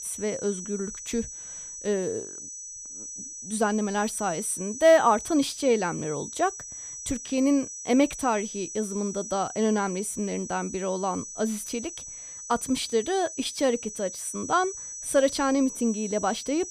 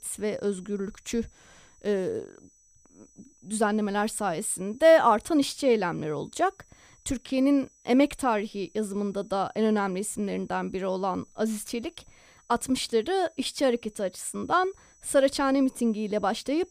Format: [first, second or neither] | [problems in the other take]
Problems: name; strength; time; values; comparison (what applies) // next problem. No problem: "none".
second | high-pitched whine; loud; throughout; 6 kHz, 10 dB below the speech; faint in the second